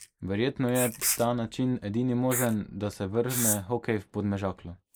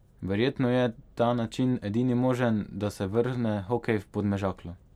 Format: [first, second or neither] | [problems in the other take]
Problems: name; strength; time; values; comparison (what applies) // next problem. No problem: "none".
second | noise reduction (neural mask model Resemble Enhance denoiser)